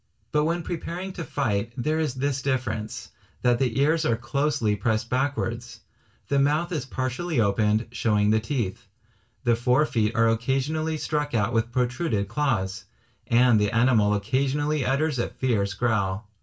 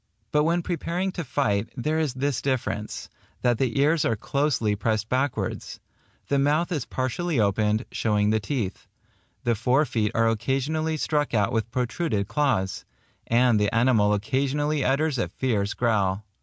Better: second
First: room echo; dies away in 0.2 s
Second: none

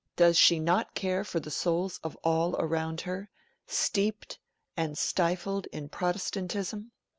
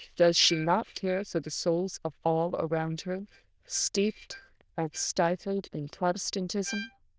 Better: first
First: none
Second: noise reduction (neural diffusion model UNIVERSE++)

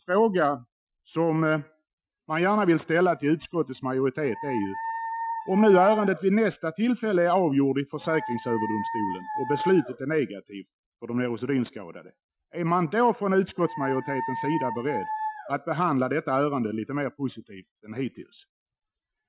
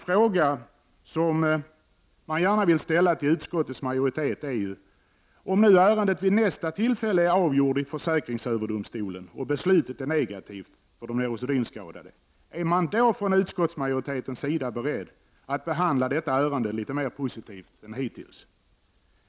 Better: second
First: noise reduction (classical method Wiener filter)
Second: none

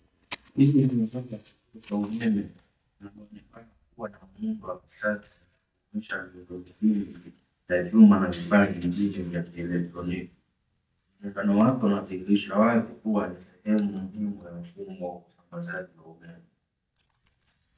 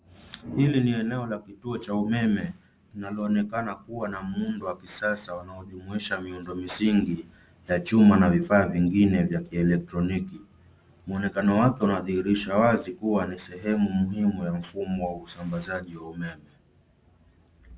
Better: second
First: noise reduction (neural mask model DeepFilterNet 3)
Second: none

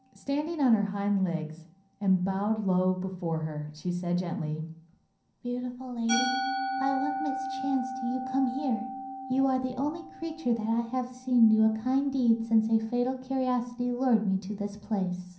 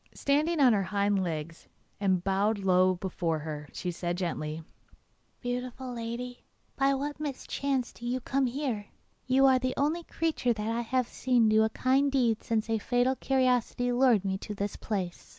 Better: second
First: background sound (Musical instrument); 10 dB below the speech // room echo; dies away in 0.6 s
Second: none

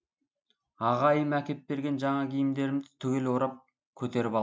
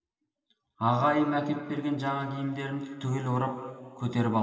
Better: first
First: none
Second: room echo; dies away in 2.2 s

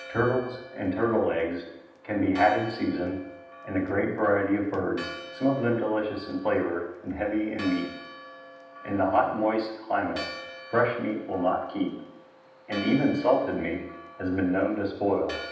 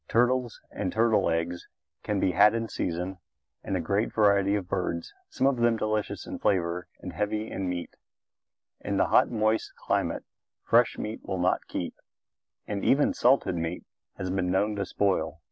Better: second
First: background sound (Church bell); 16 dB below the speech // room echo; dies away in 0.9 s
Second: none

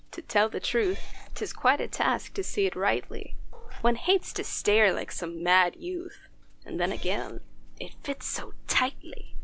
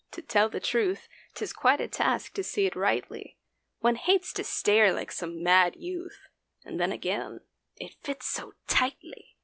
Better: second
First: background sound (Meow / Purr); 4 dB below the speech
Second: none

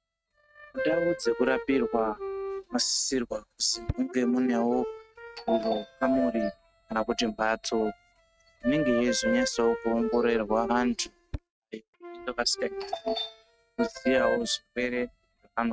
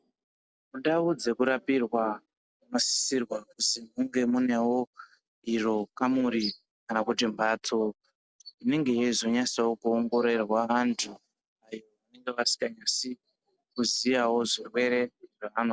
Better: second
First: noise reduction (neural mask model RNNoise)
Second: none

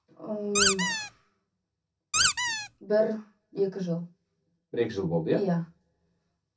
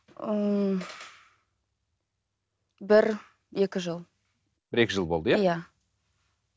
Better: second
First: background sound (Squeak); 5 dB above the speech // room echo; dies away in 0.3 s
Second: none

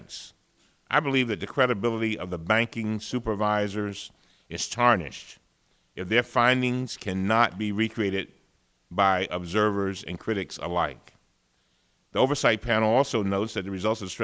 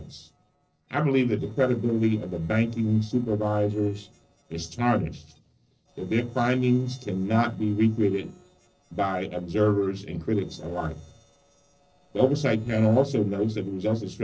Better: first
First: none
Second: noise reduction (neural separator model SepFormer DNS4)

